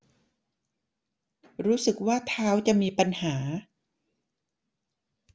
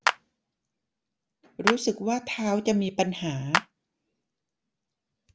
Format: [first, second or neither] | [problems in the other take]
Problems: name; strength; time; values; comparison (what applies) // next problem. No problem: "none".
first | background sound (Clapping); 2 dB below the speech